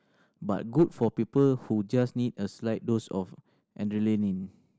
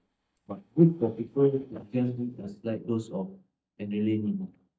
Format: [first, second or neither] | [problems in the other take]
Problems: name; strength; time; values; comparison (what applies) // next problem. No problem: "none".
first | noise reduction (neural mask model DeepFilterNet 3)